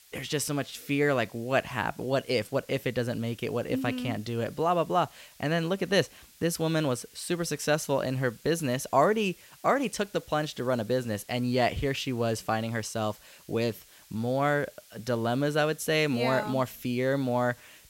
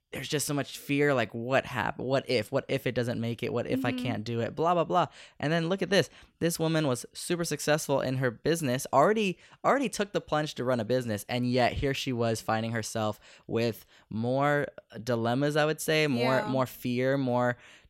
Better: second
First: hiss; faint; throughout; 25 dB below the speech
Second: none

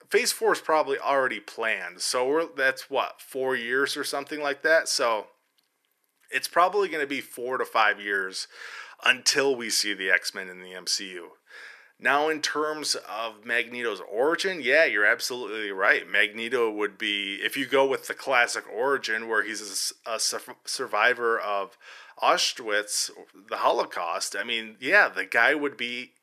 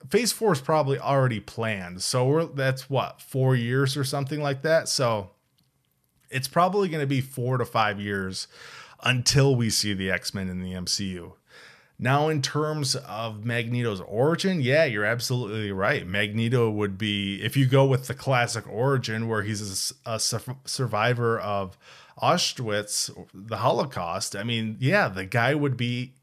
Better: second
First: thin; very; fading below 350 Hz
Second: none

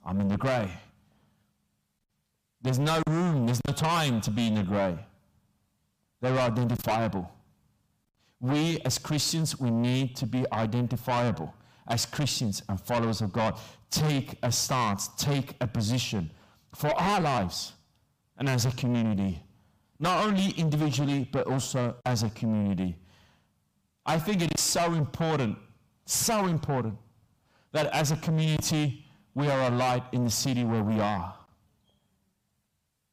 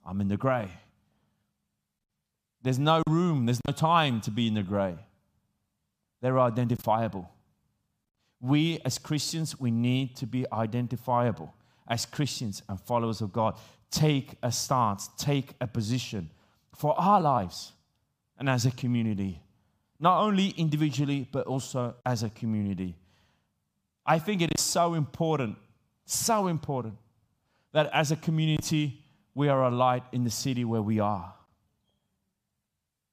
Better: second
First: distortion; heavy; 6 dB below the speech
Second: none

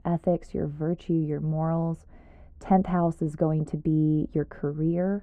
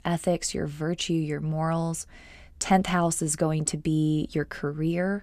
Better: second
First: muffled; very; fading above 2 kHz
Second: none

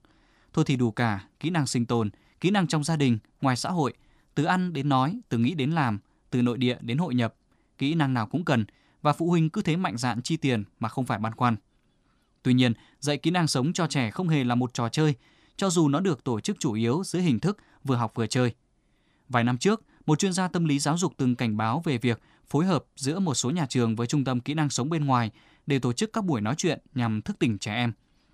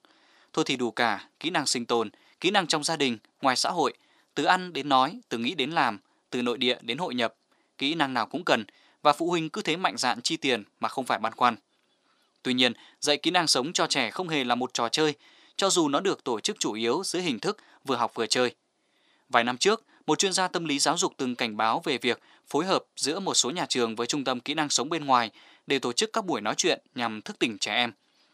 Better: first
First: none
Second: thin; somewhat; fading below 450 Hz

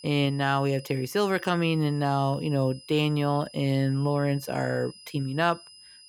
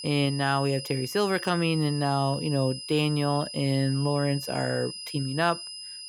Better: first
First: high-pitched whine; faint; throughout; 5 kHz, 20 dB below the speech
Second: high-pitched whine; loud; throughout; 5 kHz, 9 dB below the speech

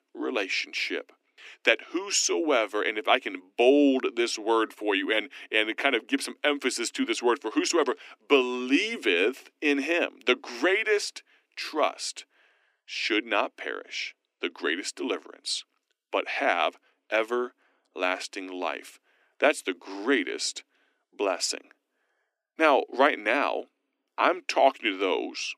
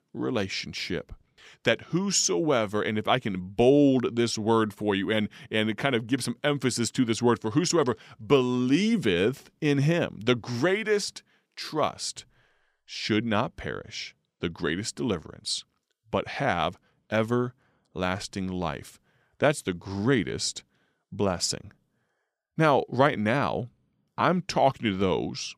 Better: second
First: thin; very slightly; fading below 250 Hz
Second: none

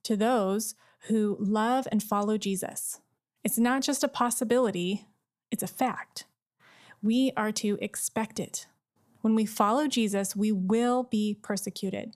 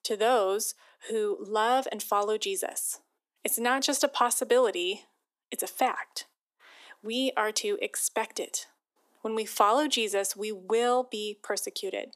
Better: first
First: none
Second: thin; somewhat; fading below 300 Hz

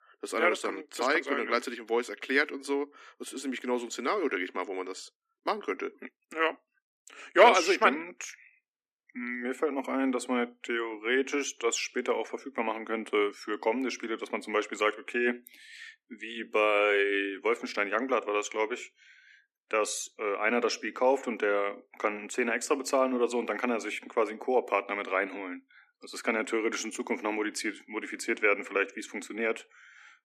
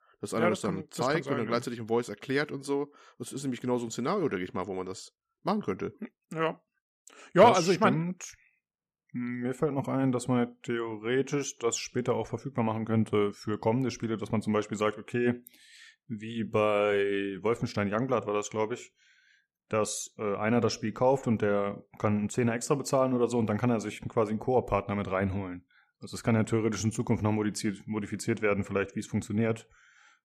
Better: second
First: thin; somewhat; fading below 250 Hz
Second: none

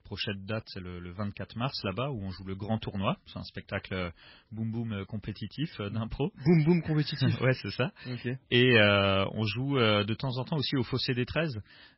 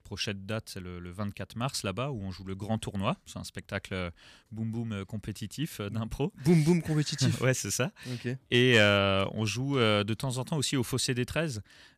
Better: second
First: garbled, watery; badly; nothing above 5.5 kHz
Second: none

